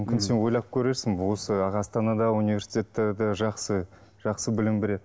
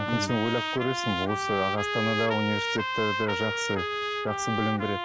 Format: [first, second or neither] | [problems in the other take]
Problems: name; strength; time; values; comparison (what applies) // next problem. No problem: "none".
first | background sound (Trumpet); 1 dB below the speech